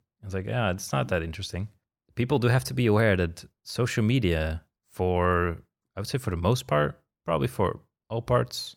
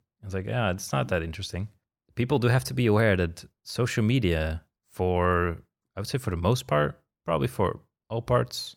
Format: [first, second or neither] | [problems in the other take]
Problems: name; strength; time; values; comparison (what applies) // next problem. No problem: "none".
neither | none